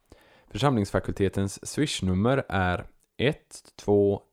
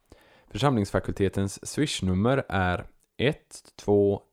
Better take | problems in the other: neither | none

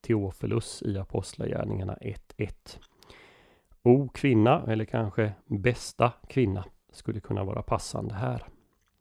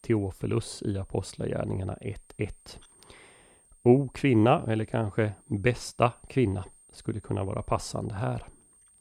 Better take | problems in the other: first | high-pitched whine; faint; throughout; 8.5 kHz, 30 dB below the speech

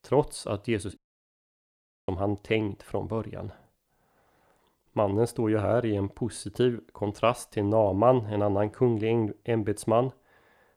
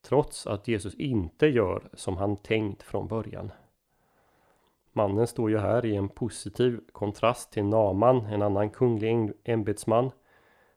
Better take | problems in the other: second | audio cutting out; at 1 s for 1 s

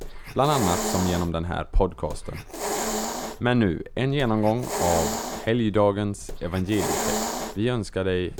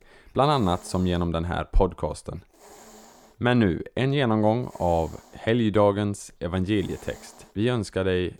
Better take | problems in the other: second | hiss; loud; throughout; 3 dB below the speech; faint in the second

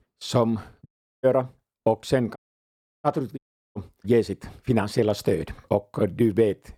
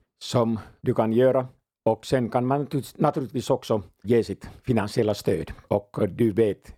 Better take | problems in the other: second | audio cutting out; at 1 s, at 2.5 s for 0.5 s and at 3.5 s

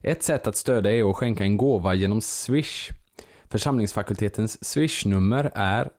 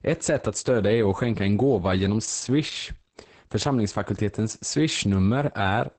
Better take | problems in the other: first | garbled, watery; badly; nothing above 8 kHz; slightly in the first

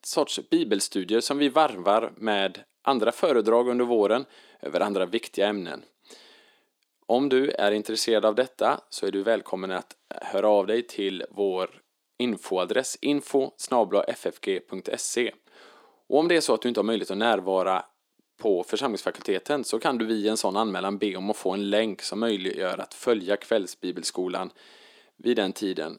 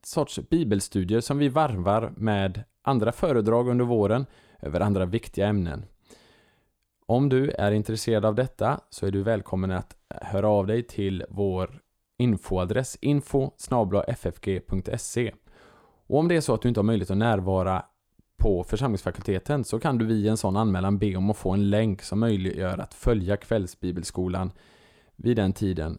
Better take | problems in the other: second | thin; somewhat; fading below 250 Hz

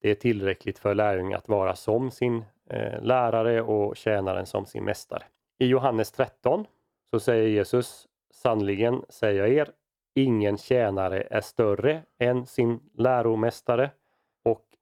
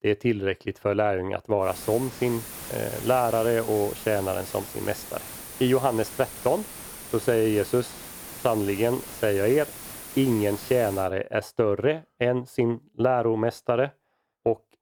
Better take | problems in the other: first | hiss; noticeable; from 1.5 to 11 s; 10 dB below the speech

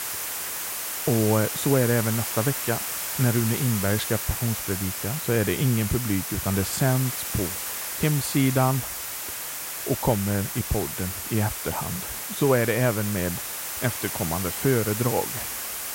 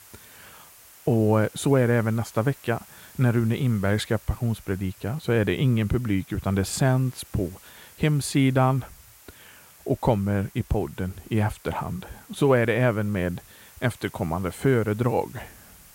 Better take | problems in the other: second | hiss; loud; throughout; 3 dB below the speech; faint in the second

